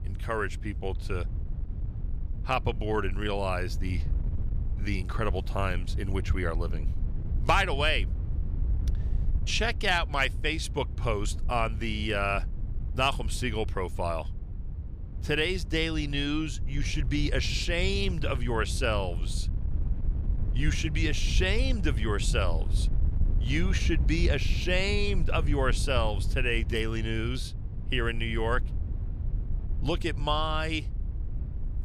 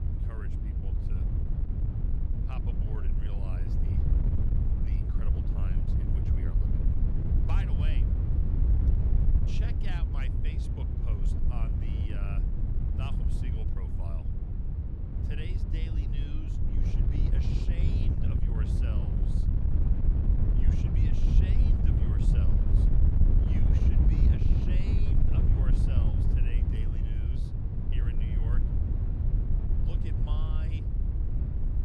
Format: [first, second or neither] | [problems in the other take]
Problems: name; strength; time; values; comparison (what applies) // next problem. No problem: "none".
first | wind noise on the microphone; heavy; 5 dB above the speech; occasional gusts in the first